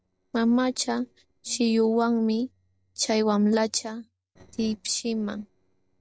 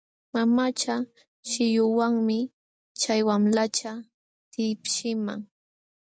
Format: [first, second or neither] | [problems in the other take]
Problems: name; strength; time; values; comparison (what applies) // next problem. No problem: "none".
second | noise reduction (neural separator model SepFormer DNS4)